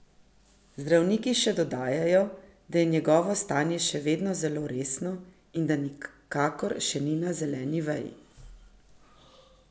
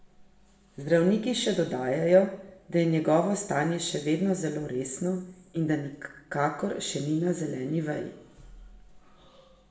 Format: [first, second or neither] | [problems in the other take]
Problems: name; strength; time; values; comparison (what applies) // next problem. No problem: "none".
first | room echo; dies away in 0.8 s